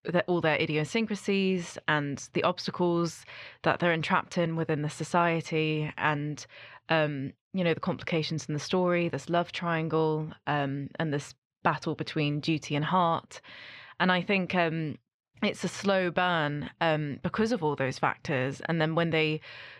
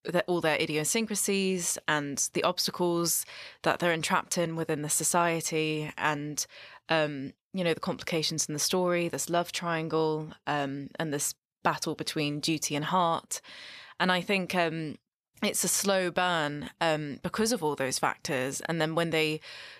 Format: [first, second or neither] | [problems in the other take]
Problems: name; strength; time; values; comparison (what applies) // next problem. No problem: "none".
second | muffled; slightly; fading above 2.5 kHz